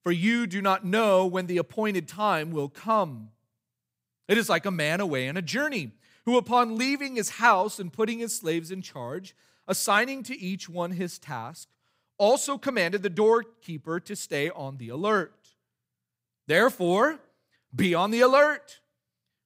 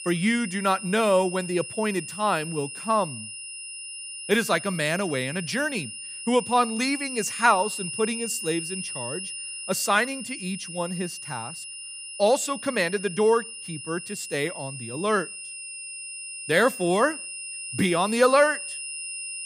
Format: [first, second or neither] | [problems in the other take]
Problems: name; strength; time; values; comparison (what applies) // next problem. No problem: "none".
first | high-pitched whine; loud; throughout; 3 kHz, 9 dB below the speech